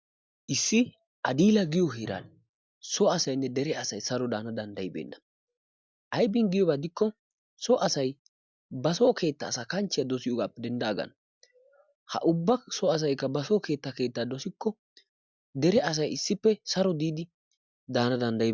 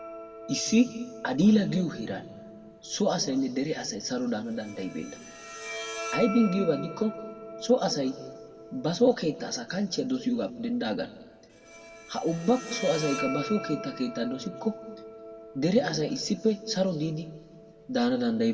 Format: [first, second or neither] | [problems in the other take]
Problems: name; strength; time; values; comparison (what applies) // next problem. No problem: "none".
first | background sound (Bowed string instrument); 13 dB below the speech // room echo; dies away in 1.4 s